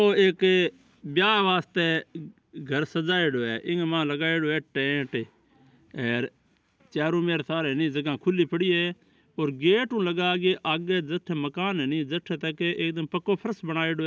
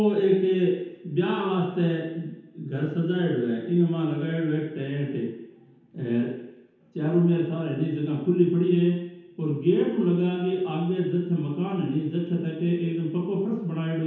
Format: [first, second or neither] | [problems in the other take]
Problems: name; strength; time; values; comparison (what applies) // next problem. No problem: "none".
first | room echo; dies away in 0.9 s